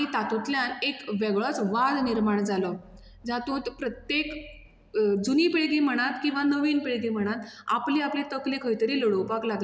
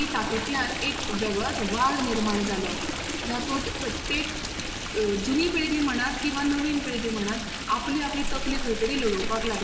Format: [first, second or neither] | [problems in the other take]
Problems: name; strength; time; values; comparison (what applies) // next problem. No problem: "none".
first | background sound (Stream); 3 dB below the speech // room echo; dies away in 2 s